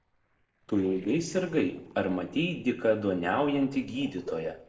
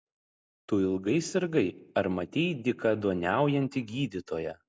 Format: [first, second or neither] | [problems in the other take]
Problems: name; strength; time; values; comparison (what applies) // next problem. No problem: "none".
second | noise reduction (neural separator model SepFormer DNS4)